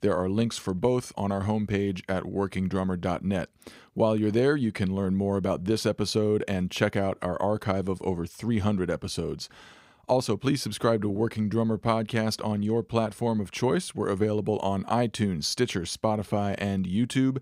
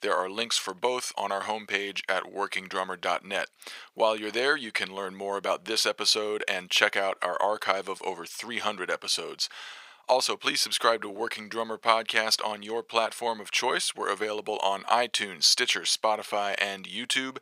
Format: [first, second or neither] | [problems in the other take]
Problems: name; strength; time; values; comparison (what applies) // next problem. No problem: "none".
first | thin; very; fading below 750 Hz